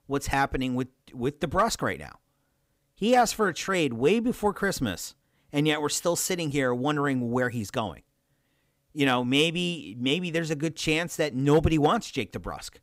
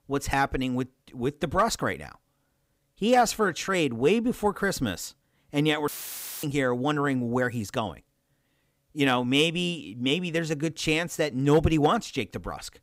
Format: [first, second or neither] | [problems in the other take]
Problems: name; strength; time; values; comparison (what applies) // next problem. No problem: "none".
first | audio cutting out; filled with static; at 6 s for 0.5 s